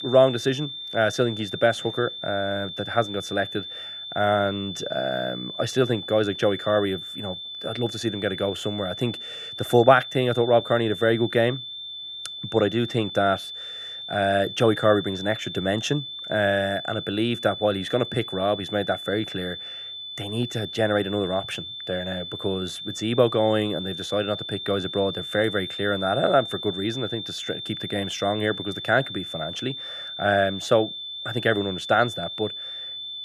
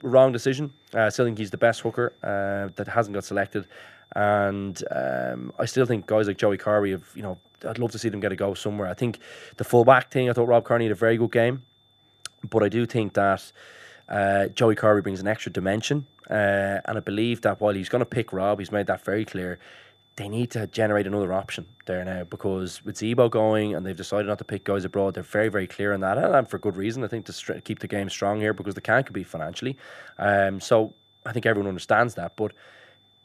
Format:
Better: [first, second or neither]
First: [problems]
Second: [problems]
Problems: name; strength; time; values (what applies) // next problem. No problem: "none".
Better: second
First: high-pitched whine; loud; throughout; 3.5 kHz, 8 dB below the speech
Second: high-pitched whine; faint; throughout; 3.5 kHz, 35 dB below the speech